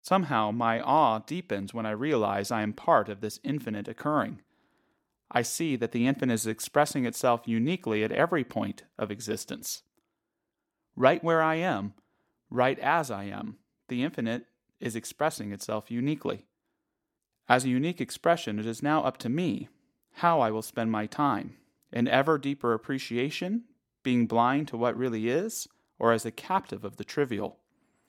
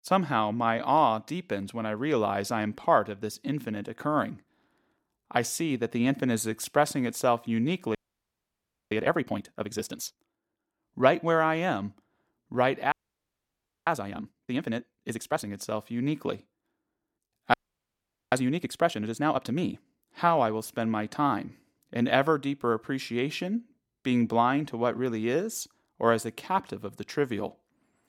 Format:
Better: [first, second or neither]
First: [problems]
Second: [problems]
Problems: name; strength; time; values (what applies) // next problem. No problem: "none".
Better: first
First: none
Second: audio freezing; at 8 s for 1 s, at 13 s for 1 s and at 18 s for 1 s